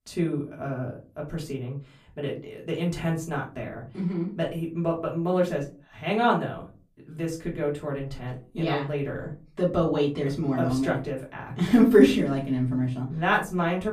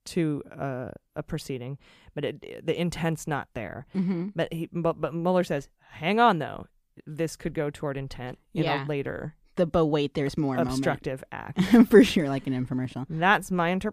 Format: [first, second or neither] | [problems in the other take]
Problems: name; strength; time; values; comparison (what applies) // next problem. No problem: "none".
second | off-mic speech; far // room echo; very slight; dies away in 0.3 s